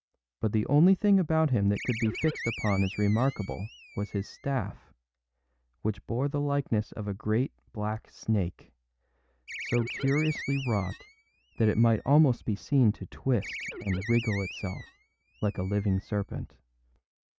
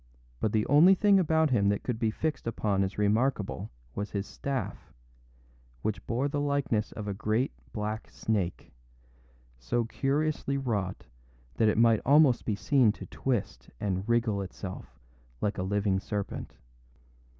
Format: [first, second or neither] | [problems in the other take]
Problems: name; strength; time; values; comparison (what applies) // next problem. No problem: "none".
second | noise reduction (neural mask model RNNoise)